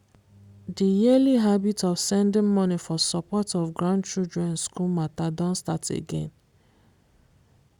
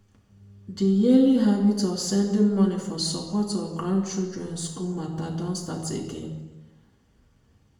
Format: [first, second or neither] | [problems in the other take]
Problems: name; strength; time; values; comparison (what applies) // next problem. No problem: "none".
first | room echo; dies away in 0.9 s